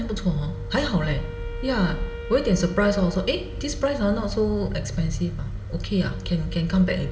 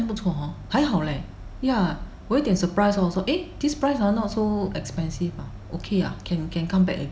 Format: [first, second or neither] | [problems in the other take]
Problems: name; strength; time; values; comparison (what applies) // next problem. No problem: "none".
second | background sound (Wind instrument, woodwind instrument); 18 dB below the speech // room echo; dies away in 2.1 s